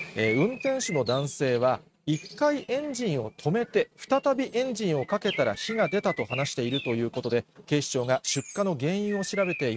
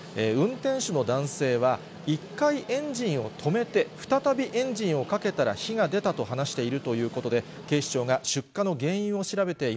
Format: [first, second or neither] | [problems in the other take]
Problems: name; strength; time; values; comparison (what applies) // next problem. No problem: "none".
second | noise reduction (neural mask model RNNoise)